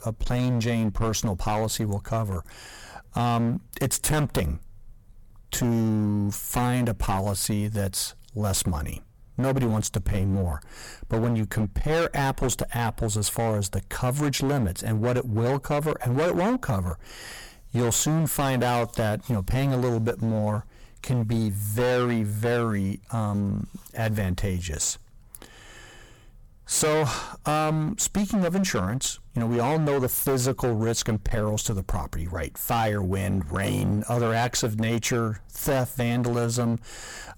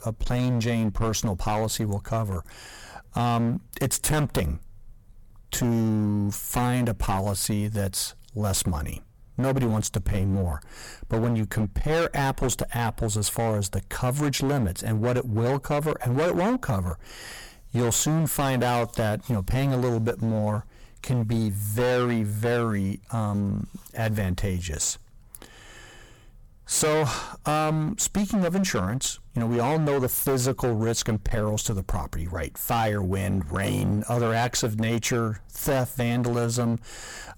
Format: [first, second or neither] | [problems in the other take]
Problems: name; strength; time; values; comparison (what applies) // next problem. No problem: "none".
neither | distortion; heavy; 18% of the sound clipped; the same in both